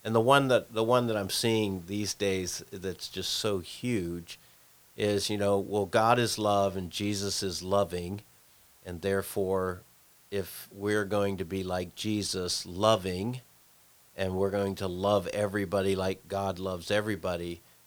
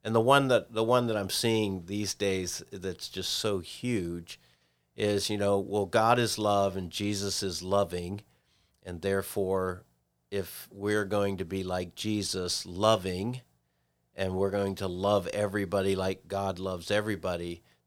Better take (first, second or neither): second